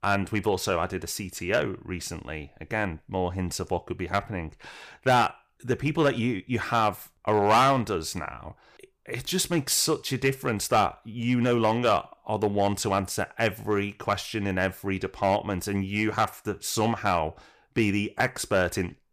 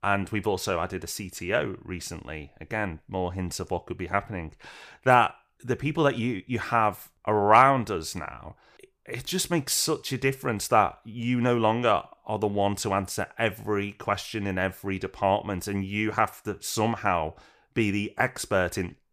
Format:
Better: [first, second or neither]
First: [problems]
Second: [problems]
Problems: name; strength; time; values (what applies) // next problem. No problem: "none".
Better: second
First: distortion; slight; 1.9% of the sound clipped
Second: none